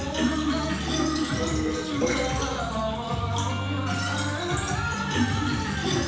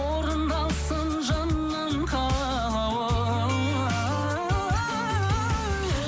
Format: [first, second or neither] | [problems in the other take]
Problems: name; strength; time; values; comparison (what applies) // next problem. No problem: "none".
second | background sound (Fill (with liquid)); 3 dB below the speech // room echo; dies away in 0.9 s